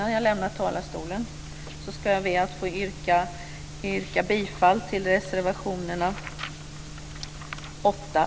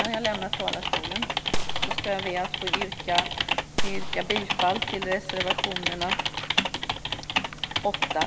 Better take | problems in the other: first | background sound (Gunshot, gunfire + Typing); 3 dB above the speech

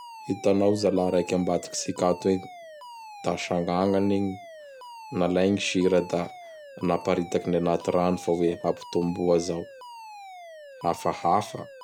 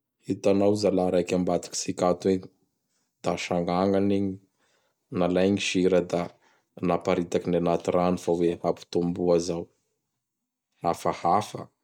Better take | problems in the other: second | background sound (Alarm); 17 dB below the speech

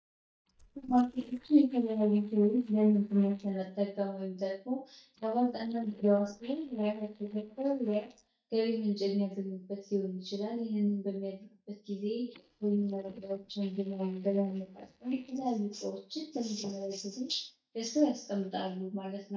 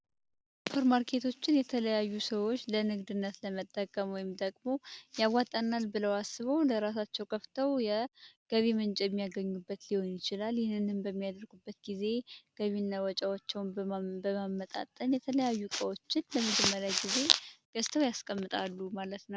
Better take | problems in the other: second | noise reduction (neural mask model DeepFilterNet 3)

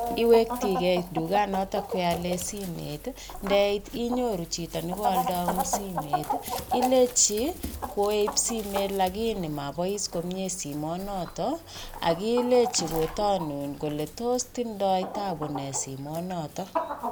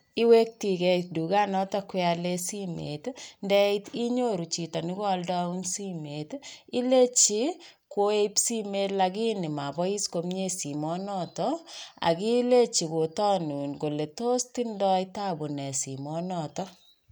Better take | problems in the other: second | background sound (Chicken, rooster); 7 dB below the speech

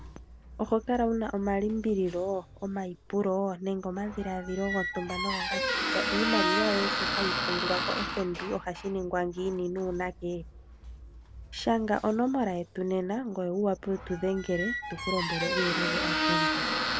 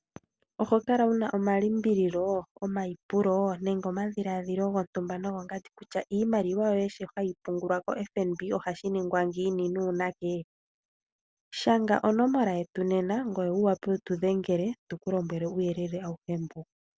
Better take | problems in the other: second | background sound (Squeak); 3 dB below the speech

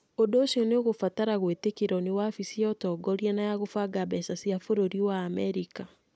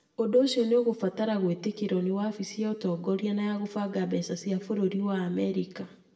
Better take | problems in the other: first | room echo; dies away in 0.7 s

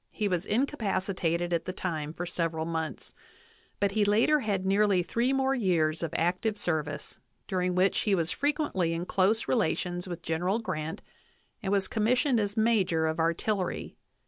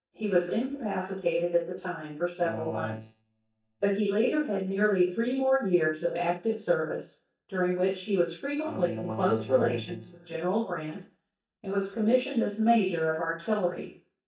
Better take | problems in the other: first | noise reduction (neural mask model DeepFilterNet 3)

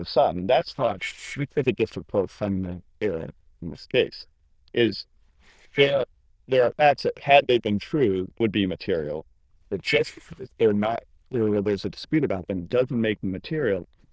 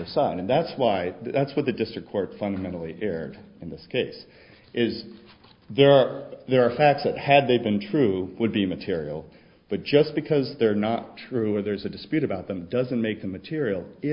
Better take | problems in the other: second | noise reduction (neural diffusion model UNIVERSE++)

